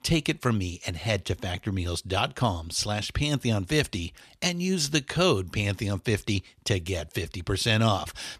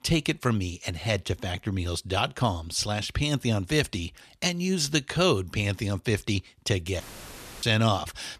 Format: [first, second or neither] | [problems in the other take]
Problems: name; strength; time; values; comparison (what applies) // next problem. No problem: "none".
first | audio cutting out; filled with static; at 7 s for 0.5 s